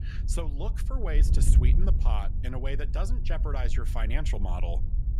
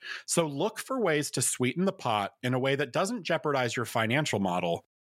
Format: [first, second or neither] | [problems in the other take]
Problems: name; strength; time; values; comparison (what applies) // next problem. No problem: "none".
second | wind noise on the microphone; heavy; 8 dB below the speech